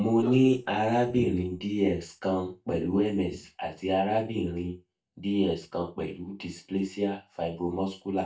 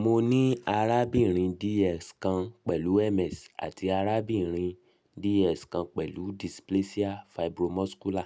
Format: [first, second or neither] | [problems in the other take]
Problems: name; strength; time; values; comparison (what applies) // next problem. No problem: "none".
second | noise reduction (neural mask model DeepFilterNet 3)